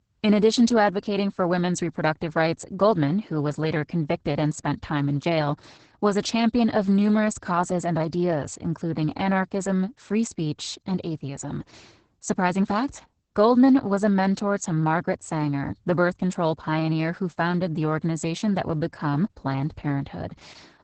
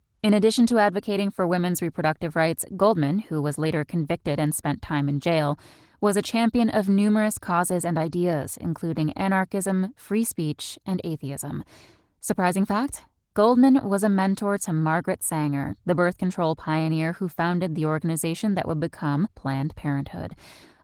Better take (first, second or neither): second